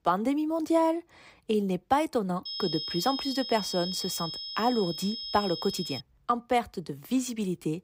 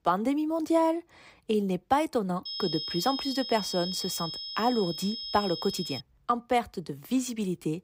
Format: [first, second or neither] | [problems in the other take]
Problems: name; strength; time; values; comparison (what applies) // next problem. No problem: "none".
neither | high-pitched whine; loud; from 2.5 to 6 s; 5 kHz, 5 dB below the speech; the same in both